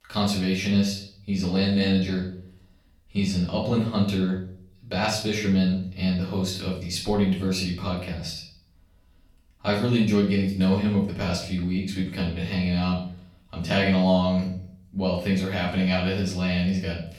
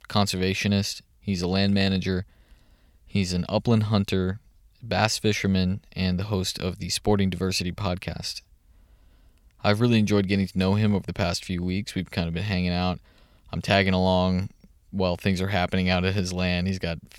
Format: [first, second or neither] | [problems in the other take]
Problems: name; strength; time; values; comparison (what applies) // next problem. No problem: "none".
second | room echo; slight; dies away in 0.5 s // off-mic speech; far